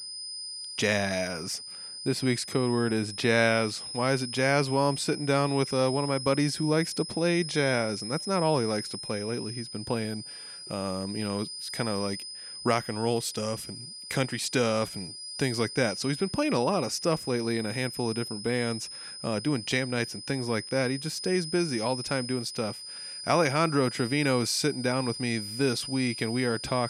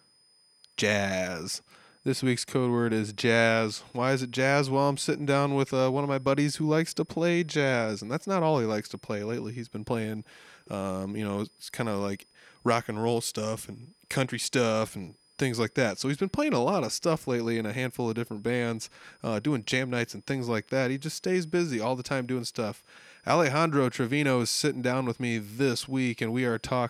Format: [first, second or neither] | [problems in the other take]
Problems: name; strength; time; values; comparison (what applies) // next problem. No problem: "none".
second | high-pitched whine; loud; throughout; 5 kHz, 9 dB below the speech; faint in the second